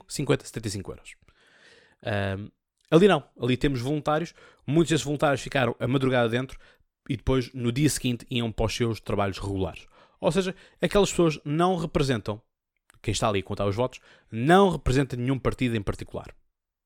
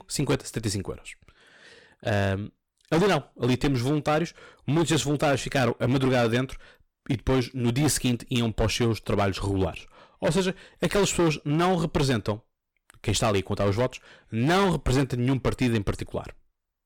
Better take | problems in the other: first | distortion; heavy; 11% of the sound clipped

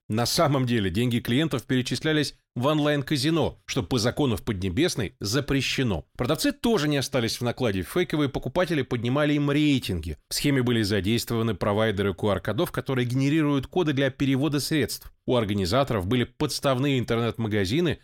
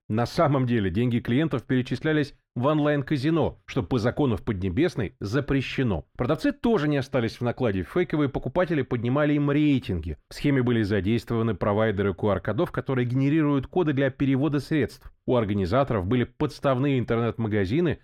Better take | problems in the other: first | muffled; slightly; fading above 3.5 kHz

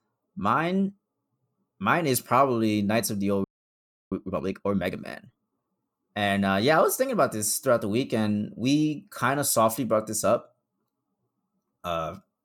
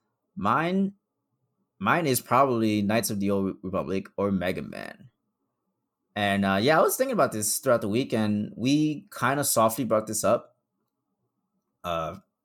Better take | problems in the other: second | audio freezing; at 3.5 s for 0.5 s

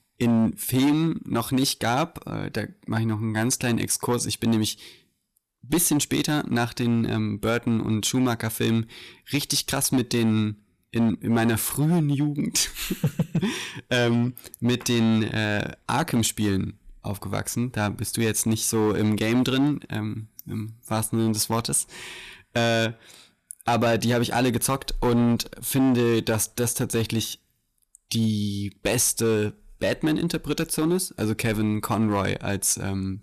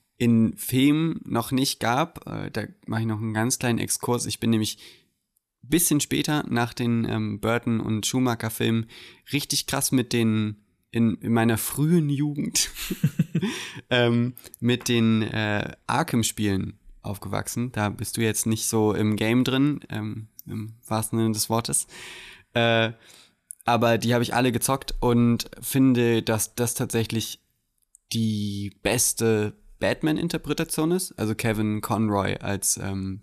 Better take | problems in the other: second | distortion; slight; 7% of the sound clipped

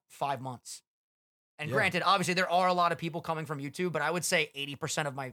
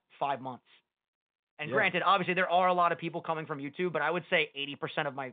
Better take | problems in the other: first | phone-call audio; nothing above 3.5 kHz

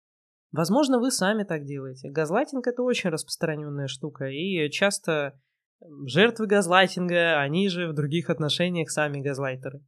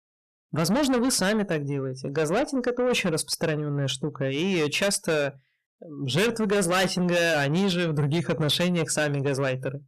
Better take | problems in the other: first | distortion; heavy; 6 dB below the speech

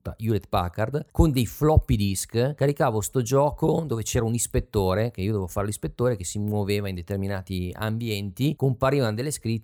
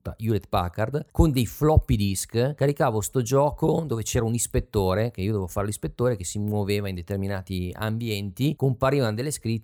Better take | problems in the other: neither | none

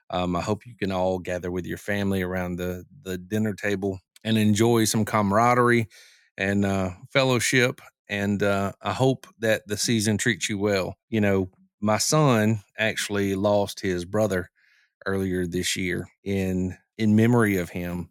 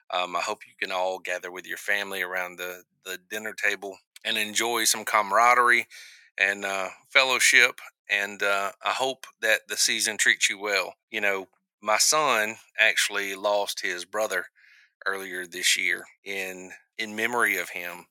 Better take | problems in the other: first | thin; very; fading below 800 Hz

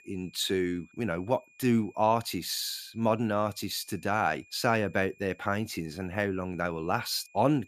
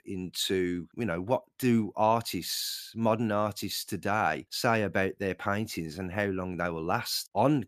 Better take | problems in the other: second | high-pitched whine; faint; throughout; 2.5 kHz, 30 dB below the speech

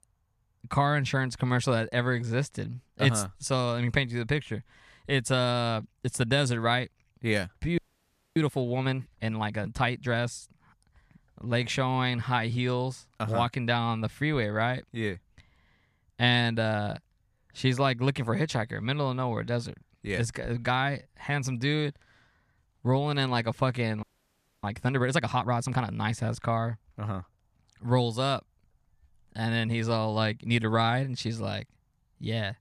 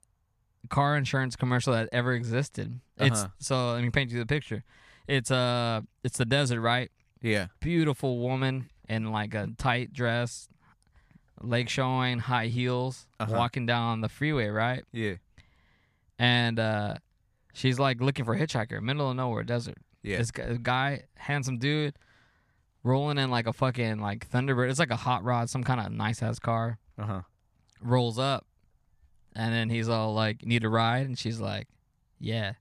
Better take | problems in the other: second | audio freezing; at 8 s for 0.5 s and at 24 s for 0.5 s

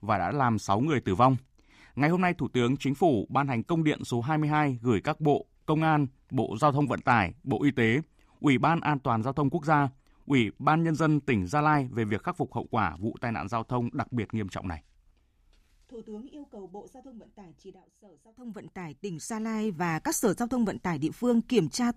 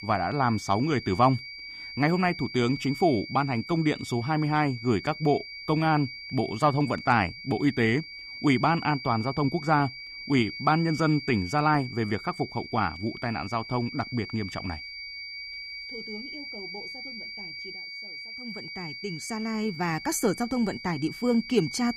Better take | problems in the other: first | high-pitched whine; noticeable; throughout; 2.5 kHz, 10 dB below the speech

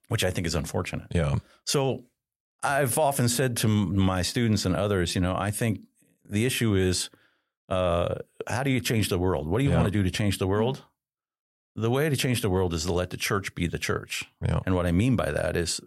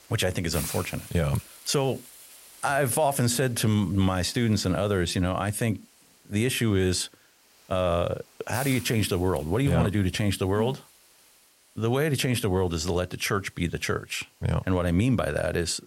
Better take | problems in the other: first | hiss; noticeable; throughout; 15 dB below the speech

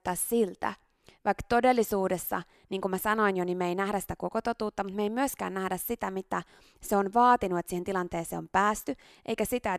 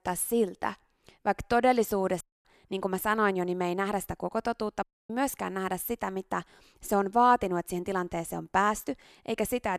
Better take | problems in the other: first | audio cutting out; at 2 s and at 5 s

